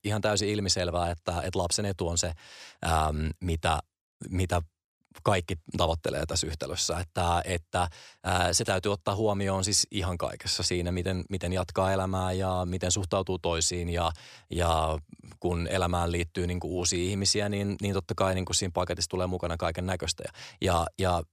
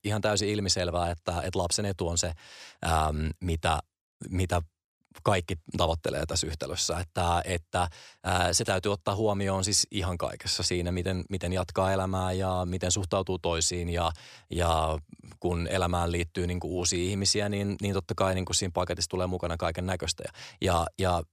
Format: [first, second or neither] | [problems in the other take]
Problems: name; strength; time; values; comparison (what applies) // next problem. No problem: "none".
neither | none